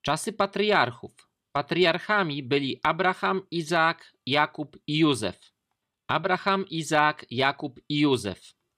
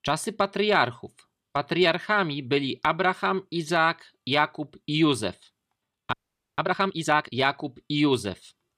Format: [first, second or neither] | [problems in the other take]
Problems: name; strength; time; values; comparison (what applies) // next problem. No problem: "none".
first | audio freezing; at 6 s